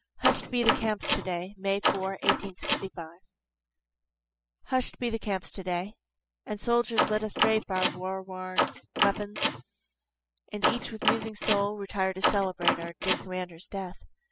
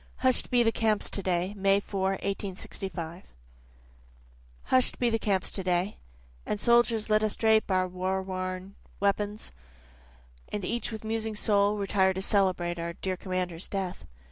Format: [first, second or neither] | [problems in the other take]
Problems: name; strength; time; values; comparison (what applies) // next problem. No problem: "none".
second | noise reduction (classical method spectral subtraction)